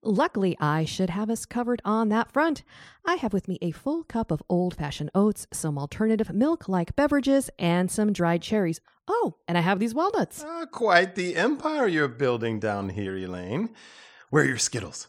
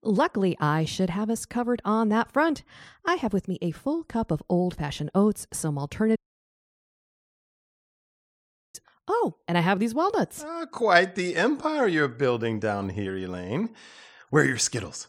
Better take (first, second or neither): first